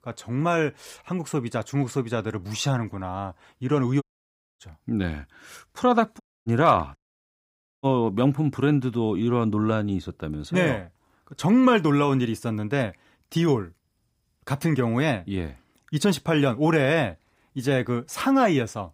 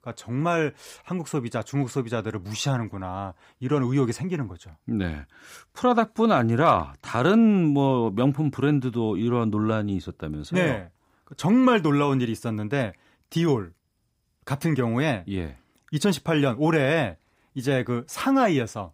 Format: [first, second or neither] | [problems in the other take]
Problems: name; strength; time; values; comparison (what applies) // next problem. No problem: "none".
second | audio cutting out; at 4 s for 0.5 s, at 6 s and at 7 s for 1 s